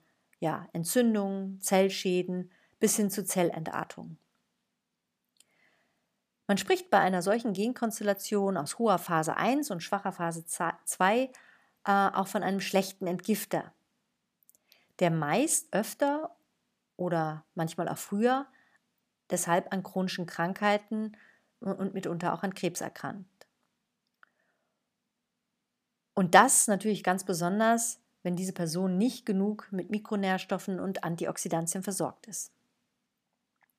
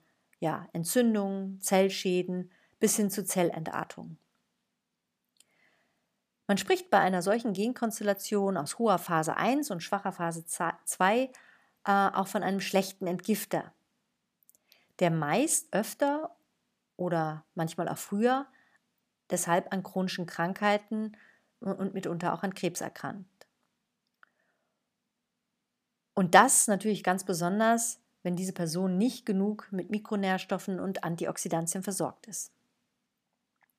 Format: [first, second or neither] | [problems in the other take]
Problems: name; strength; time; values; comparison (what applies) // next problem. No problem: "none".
neither | none